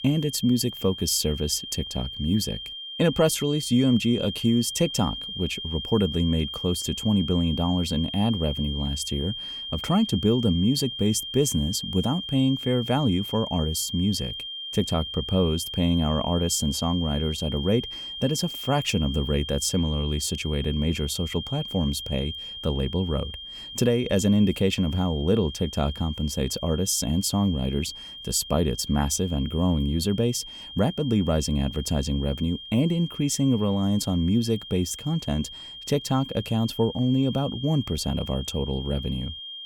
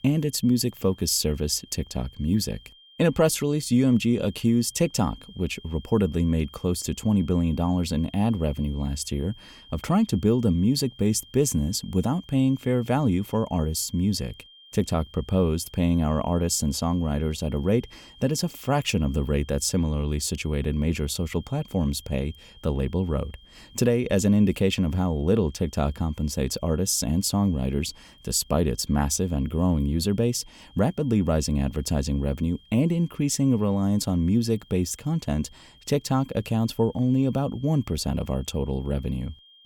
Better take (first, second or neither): second